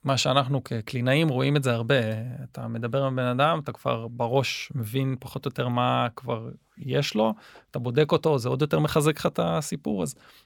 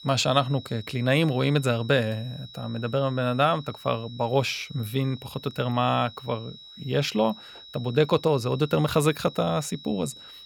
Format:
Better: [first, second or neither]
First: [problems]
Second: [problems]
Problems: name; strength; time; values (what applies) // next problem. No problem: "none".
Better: first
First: none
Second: high-pitched whine; noticeable; throughout; 4 kHz, 20 dB below the speech